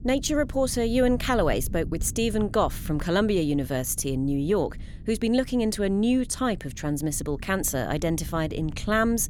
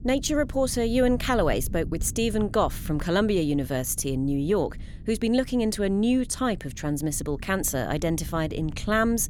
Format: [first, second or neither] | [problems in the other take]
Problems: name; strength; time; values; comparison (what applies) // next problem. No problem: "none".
neither | low rumble; faint; throughout; 25 dB below the speech; the same in both